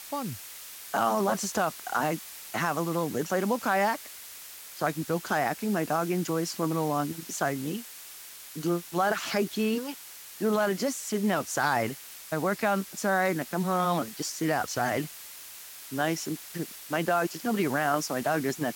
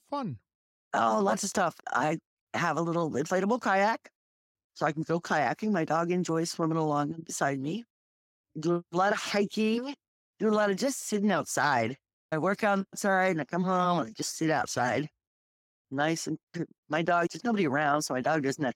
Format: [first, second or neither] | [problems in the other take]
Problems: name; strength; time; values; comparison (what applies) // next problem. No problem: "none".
second | hiss; noticeable; throughout; 10 dB below the speech